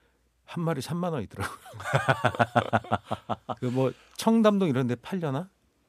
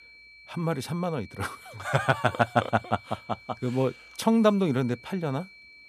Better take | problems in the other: first | high-pitched whine; faint; throughout; 2.5 kHz, 20 dB below the speech

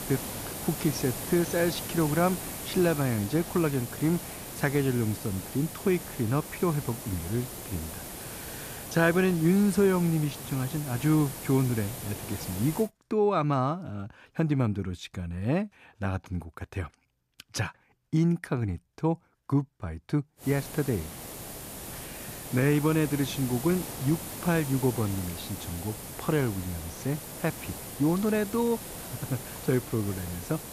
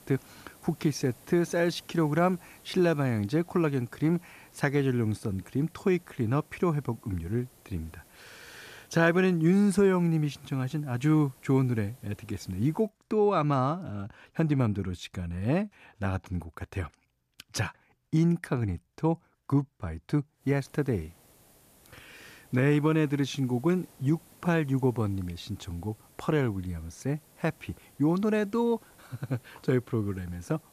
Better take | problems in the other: second | hiss; loud; until 13 s and from 20 s on; 9 dB below the speech; faint in the second

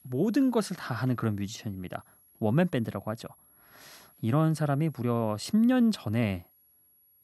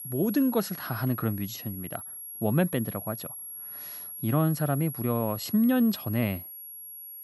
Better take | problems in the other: first | high-pitched whine; loud; throughout; 11.5 kHz, 10 dB below the speech; faint in the first

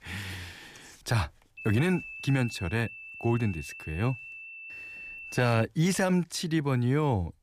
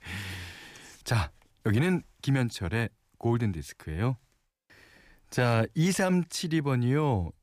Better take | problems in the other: second | high-pitched whine; noticeable; from 1.5 to 5.5 s; 2.5 kHz, 10 dB below the speech

